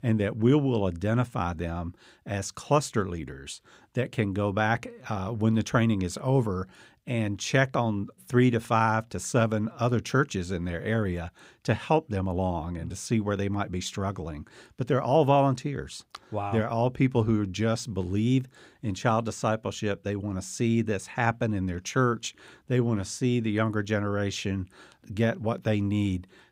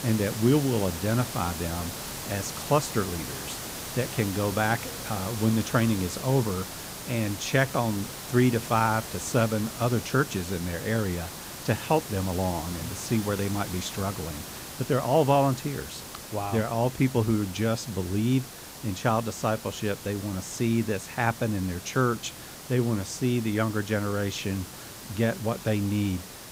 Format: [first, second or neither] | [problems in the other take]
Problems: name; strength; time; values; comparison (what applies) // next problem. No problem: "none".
first | hiss; loud; throughout; 9 dB below the speech